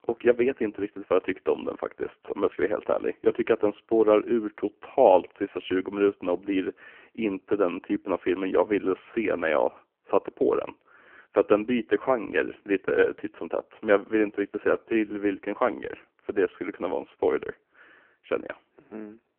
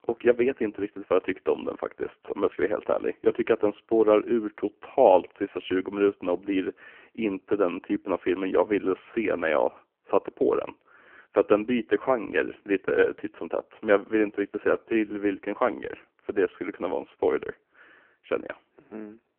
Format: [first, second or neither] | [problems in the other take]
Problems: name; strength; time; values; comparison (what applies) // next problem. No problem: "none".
neither | phone-call audio; poor line; the same in both